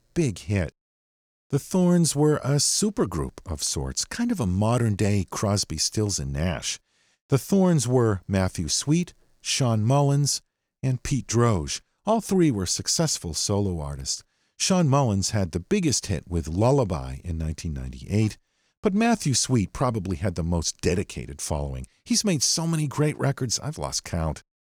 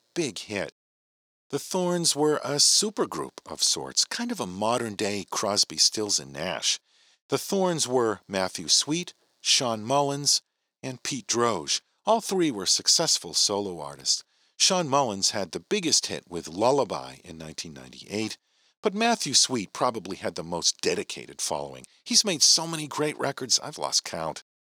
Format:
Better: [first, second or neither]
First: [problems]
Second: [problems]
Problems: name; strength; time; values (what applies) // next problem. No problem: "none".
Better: first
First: none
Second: thin; somewhat; fading below 300 Hz